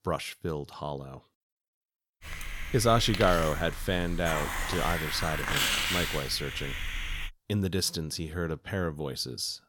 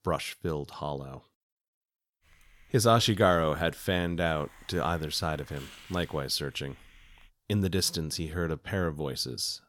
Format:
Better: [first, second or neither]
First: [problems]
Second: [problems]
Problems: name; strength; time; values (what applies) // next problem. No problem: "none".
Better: second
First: hiss; loud; from 2 to 7.5 s; 2 dB below the speech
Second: hiss; faint; from 2 to 7.5 s; 25 dB below the speech